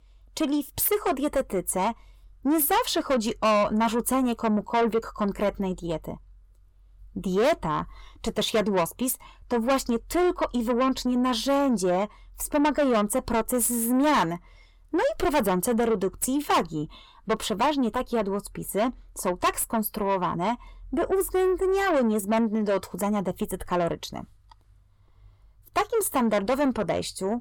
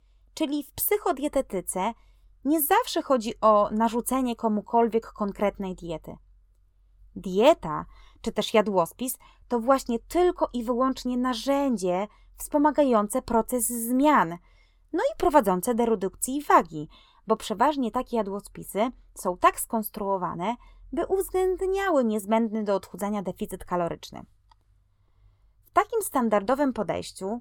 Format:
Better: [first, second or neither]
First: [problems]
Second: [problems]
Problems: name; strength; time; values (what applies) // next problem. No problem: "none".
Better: second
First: distortion; heavy; 7 dB below the speech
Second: none